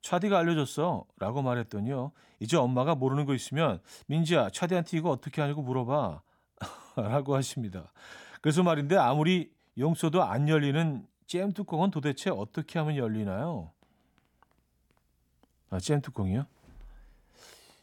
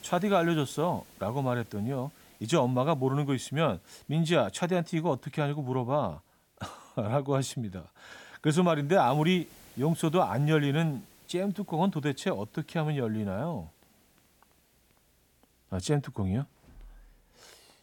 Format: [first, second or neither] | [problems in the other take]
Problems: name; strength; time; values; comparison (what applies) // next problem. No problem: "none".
first | hiss; faint; throughout; 30 dB below the speech